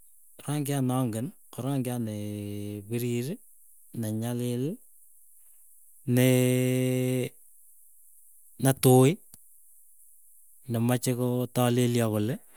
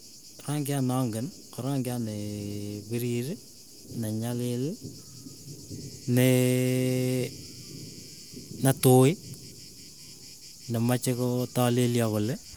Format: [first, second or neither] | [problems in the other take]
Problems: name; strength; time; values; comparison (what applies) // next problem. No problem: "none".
first | background sound (Thunder); 17 dB below the speech